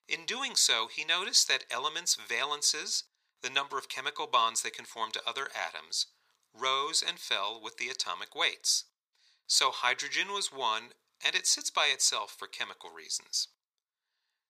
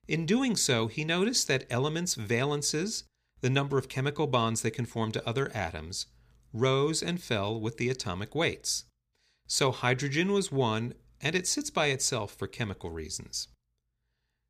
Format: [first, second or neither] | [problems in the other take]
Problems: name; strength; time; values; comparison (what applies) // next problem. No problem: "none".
second | thin; very; fading below 900 Hz